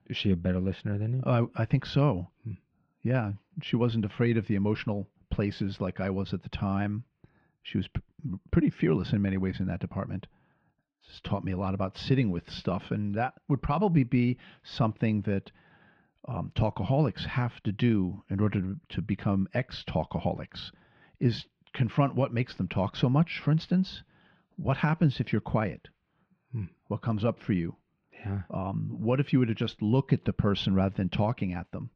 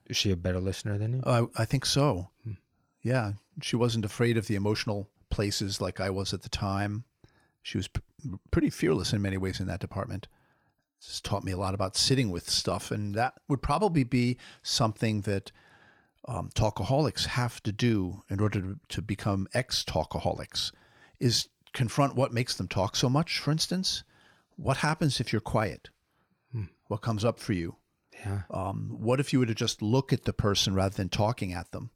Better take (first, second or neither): second